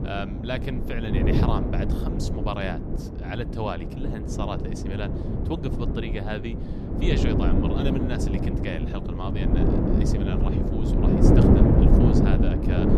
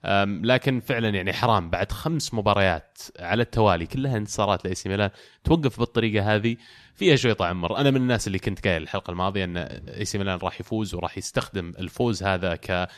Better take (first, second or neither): second